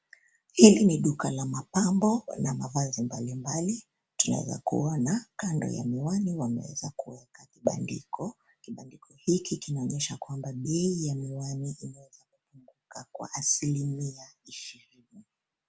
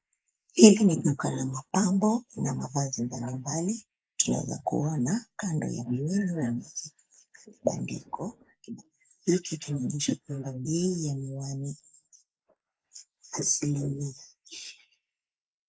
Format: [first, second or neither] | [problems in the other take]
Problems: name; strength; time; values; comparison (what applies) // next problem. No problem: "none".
first | noise reduction (neural mask model Resemble Enhance denoiser)